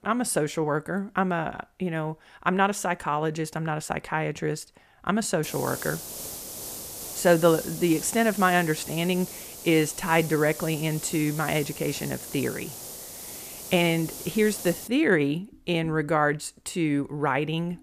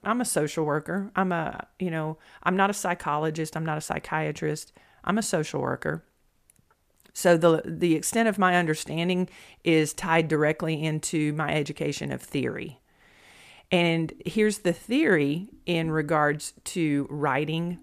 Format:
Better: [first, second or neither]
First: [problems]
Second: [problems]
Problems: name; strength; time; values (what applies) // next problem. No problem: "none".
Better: second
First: hiss; noticeable; from 5.5 to 15 s; 10 dB below the speech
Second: none